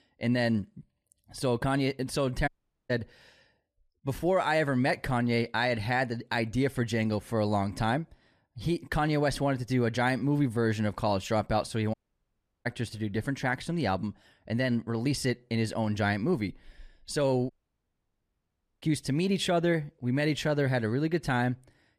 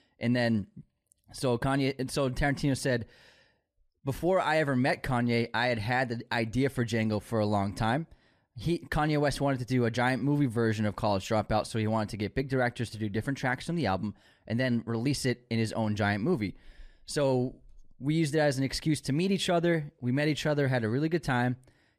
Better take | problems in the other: second | audio cutting out; at 2.5 s, at 12 s for 0.5 s and at 18 s for 1.5 s

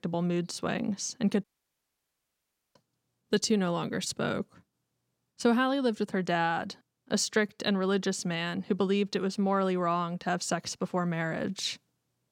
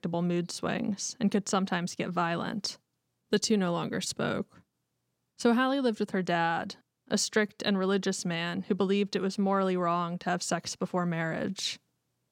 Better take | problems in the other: second | audio cutting out; at 1.5 s for 1.5 s

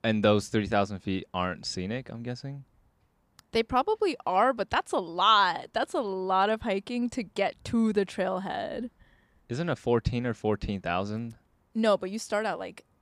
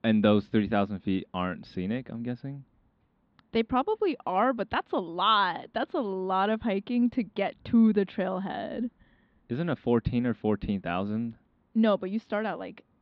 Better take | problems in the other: first | muffled; slightly; fading above 4 kHz

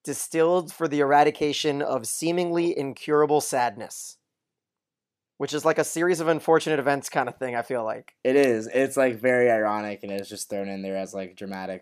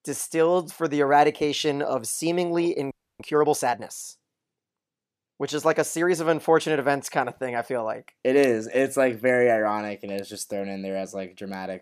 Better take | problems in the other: first | audio freezing; at 3 s

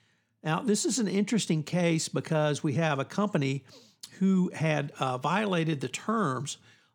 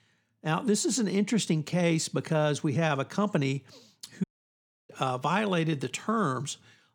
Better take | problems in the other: first | audio cutting out; at 4 s for 0.5 s

